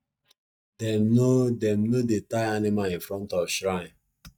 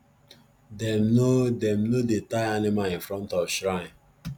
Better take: second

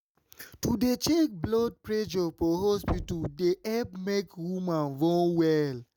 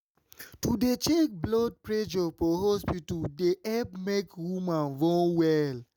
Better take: second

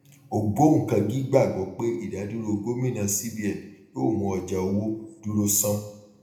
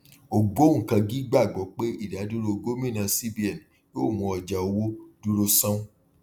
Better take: second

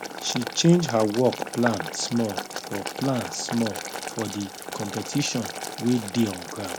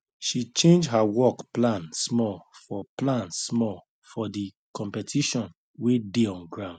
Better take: second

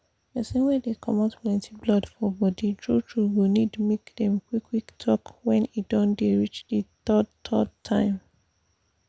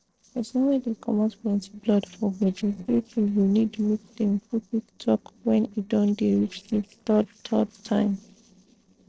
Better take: first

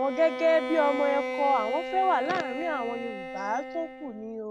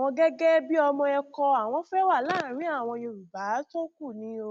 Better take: second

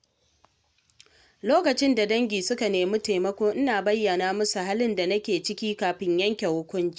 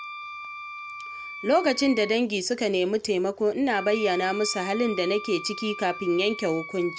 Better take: first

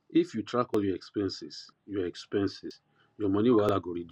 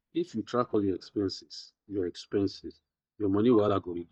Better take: first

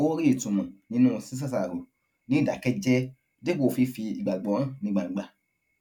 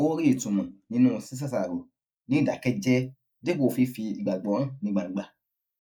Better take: first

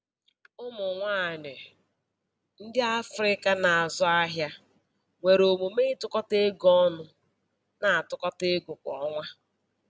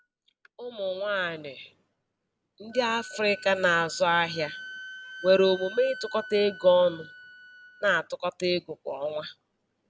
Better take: first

